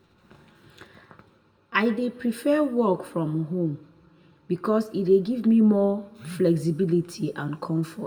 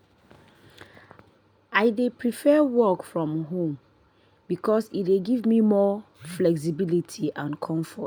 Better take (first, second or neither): second